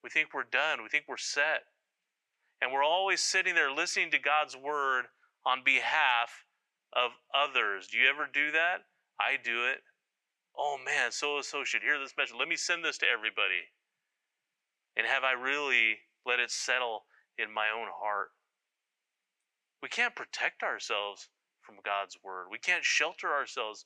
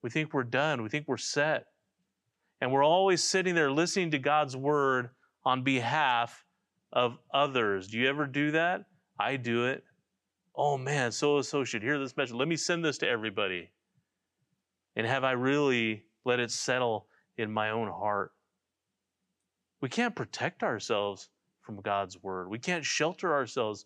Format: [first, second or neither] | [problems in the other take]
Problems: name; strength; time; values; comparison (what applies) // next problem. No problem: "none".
second | thin; very; fading below 650 Hz